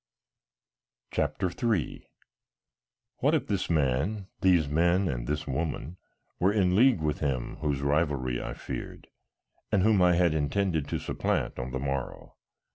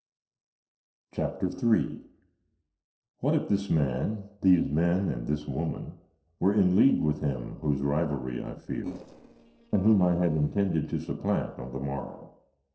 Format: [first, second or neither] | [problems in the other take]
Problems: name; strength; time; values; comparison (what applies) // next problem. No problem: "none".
first | noise reduction (neural separator model SepFormer DNS4)